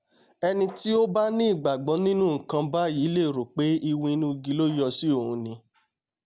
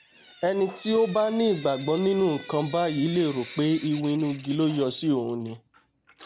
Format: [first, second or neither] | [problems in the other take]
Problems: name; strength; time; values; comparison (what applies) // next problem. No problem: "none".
first | background sound (Drip / Sink (filling or washing)); 20 dB below the speech